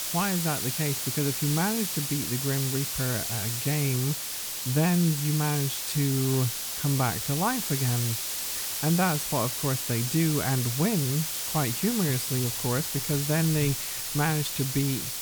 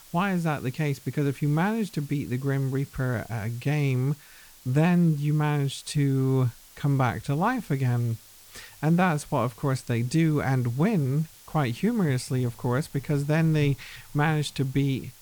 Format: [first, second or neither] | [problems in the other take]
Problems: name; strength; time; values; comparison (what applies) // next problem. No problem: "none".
second | hiss; loud; throughout; 1 dB below the speech; faint in the second